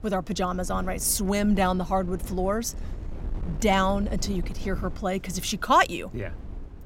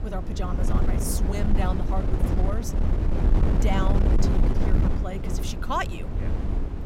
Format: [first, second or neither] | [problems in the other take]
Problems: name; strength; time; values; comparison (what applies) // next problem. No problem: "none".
first | wind noise on the microphone; heavy; 2 dB below the speech; occasional gusts in the first